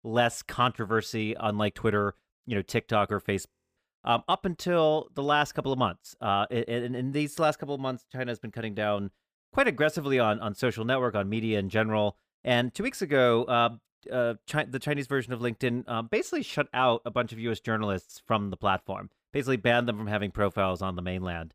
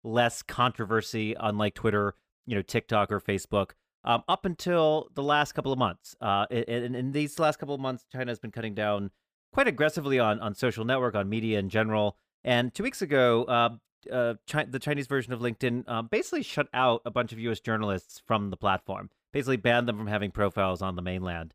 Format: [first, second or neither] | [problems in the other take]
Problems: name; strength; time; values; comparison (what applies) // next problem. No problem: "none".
second | audio freezing; at 3.5 s